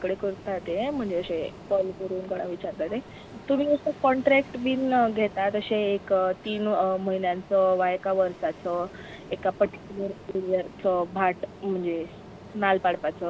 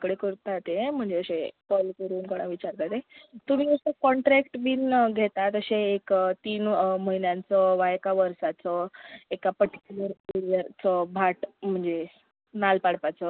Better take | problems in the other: second | background sound (Ocean); 18 dB below the speech

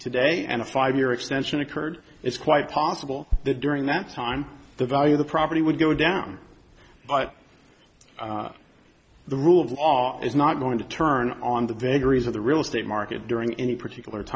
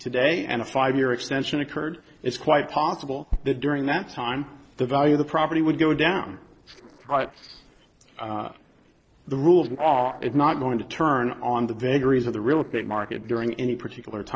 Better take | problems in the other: first | noise reduction (neural separator model SepFormer DNS4)

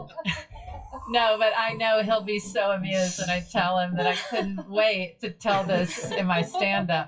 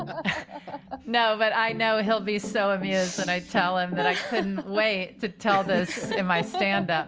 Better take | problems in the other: second | noise reduction (classical method WPE with log-MMSE)

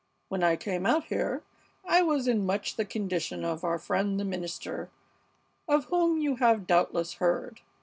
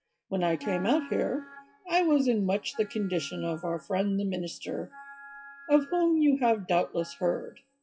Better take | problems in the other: first | noise reduction (classical method WPE with log-MMSE)

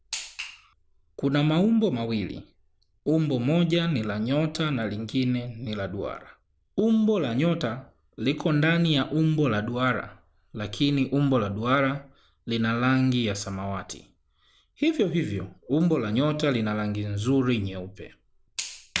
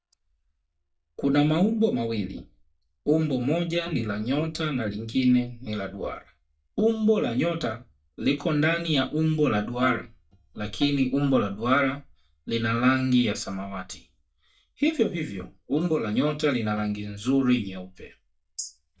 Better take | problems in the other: first | noise reduction (neural mask model DeepFilterNet 3)

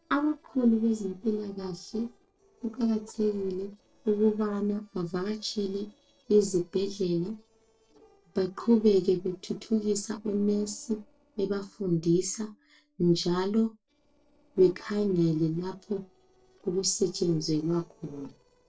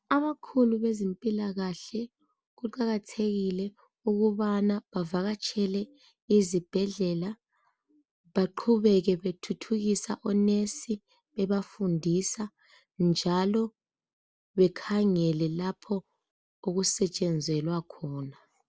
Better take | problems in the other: second | noise reduction (neural separator model SepFormer DNS4)

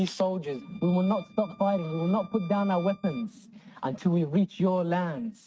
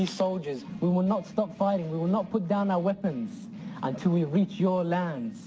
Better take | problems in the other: second | noise reduction (neural mask model RNNoise)

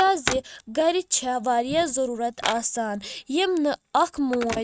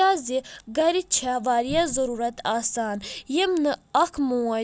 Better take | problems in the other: second | noise reduction (neural mask model RNNoise)

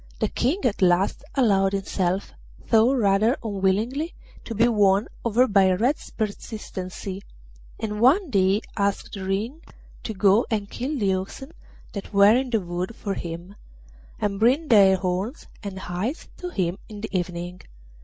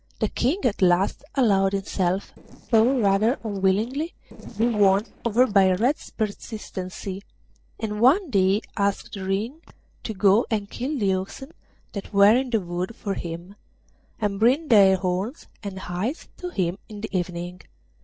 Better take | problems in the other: first | noise reduction (neural separator model SepFormer DNS4)

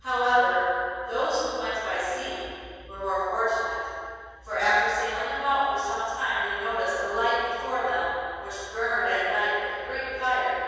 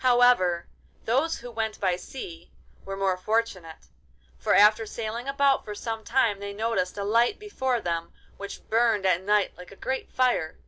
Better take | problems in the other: second | room echo; dies away in 2.1 s

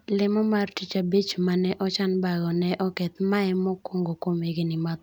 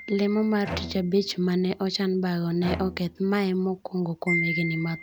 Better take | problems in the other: first | background sound (Bowed string instrument + Wind chime); 10 dB below the speech

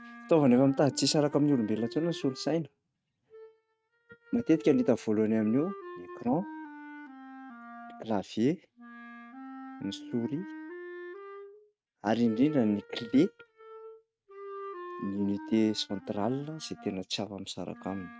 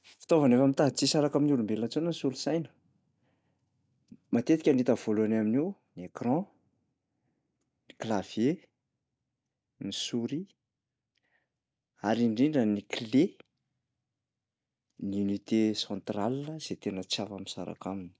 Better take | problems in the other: second | noise reduction (neural mask model RNNoise)

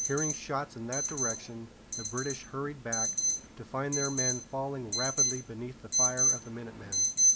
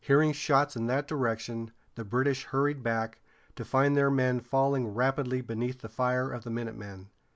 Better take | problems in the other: second | background sound (Alarm); 5 dB above the speech

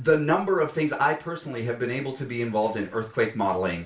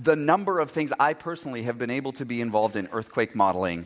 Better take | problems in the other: second | room echo; dies away in 0.3 s

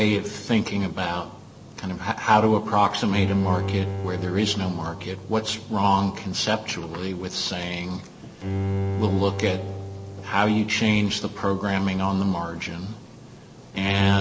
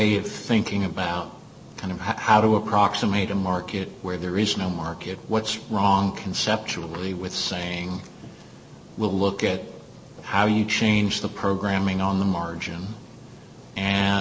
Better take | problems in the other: second | background sound (Bowed string instrument); 7 dB below the speech

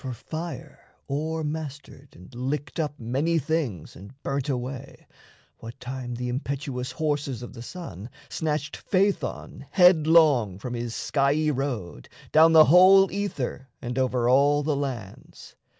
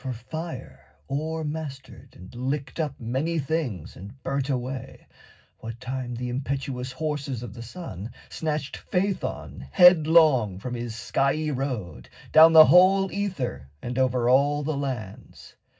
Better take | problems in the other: first | room echo; dies away in 0.4 s

